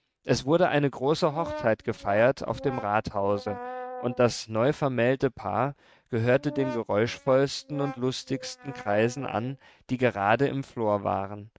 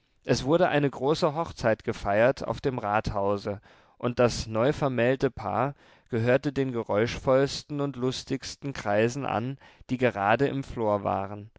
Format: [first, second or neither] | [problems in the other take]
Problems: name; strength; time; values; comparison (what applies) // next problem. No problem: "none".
second | noise reduction (neural mask model RNNoise)